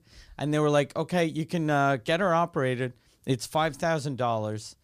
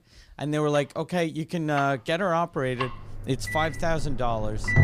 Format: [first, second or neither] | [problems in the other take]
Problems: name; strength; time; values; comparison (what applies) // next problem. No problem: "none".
first | household noises; loud; throughout; 7 dB below the speech